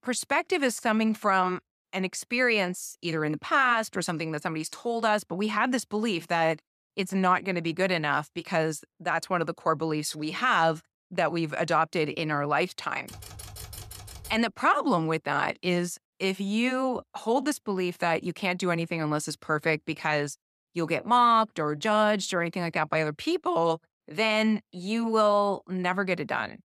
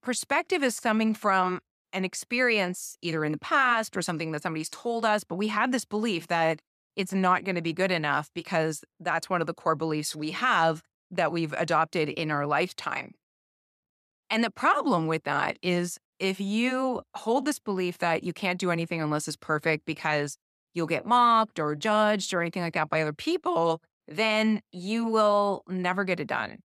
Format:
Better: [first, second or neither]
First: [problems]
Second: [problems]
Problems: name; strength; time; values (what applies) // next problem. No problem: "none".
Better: second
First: keyboard typing; faint; from 13 to 14 s; peak 15 dB below the speech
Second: none